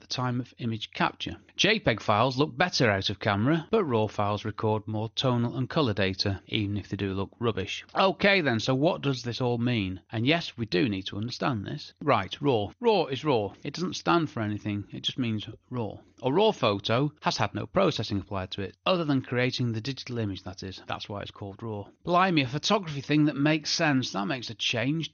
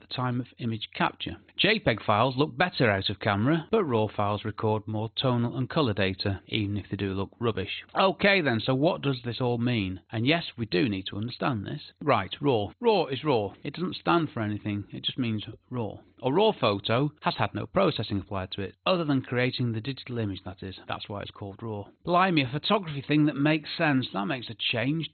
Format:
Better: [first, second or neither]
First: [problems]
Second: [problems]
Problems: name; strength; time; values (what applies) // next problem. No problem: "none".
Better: first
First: garbled, watery; slightly; nothing above 6.5 kHz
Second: garbled, watery; badly; nothing above 4 kHz